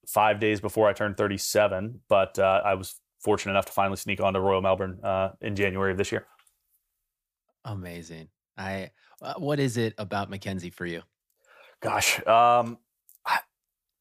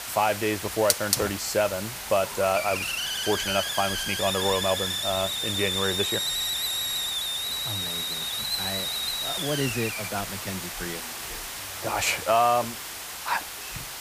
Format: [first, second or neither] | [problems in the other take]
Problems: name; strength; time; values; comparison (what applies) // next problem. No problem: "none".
first | hiss; loud; throughout; as loud as the speech